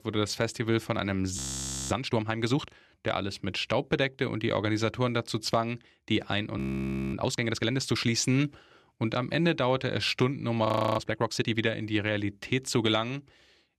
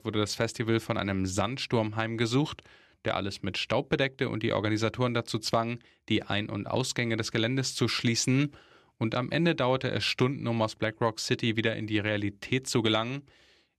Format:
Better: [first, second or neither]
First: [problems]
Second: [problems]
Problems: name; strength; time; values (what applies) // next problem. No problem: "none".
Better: second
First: audio freezing; at 1.5 s for 0.5 s, at 6.5 s for 0.5 s and at 11 s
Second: none